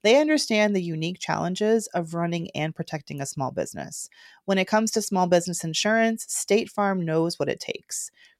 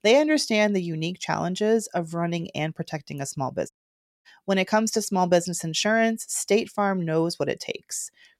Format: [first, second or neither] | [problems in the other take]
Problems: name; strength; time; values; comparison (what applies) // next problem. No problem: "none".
first | audio cutting out; at 3.5 s for 0.5 s